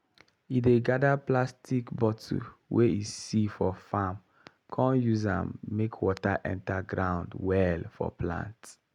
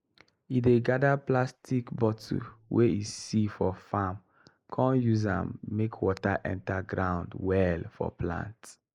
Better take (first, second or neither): first